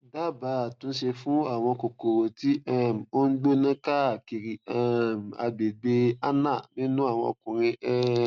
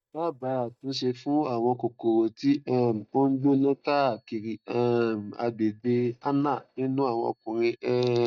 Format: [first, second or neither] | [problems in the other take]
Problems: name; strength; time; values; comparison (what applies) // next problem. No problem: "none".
first | noise reduction (neural mask model DeepFilterNet 3)